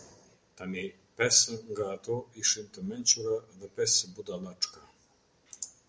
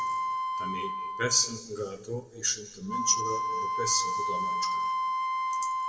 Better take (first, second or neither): first